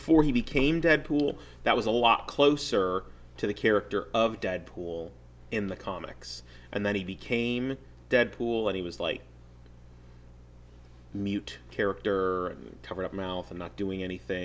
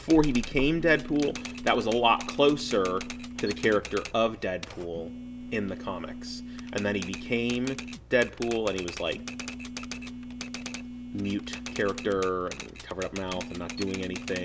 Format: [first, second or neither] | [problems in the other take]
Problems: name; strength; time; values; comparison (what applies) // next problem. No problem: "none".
first | background sound (Typewriter + Telephone); 10 dB below the speech